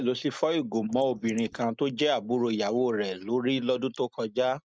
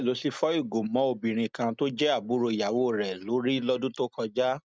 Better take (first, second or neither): second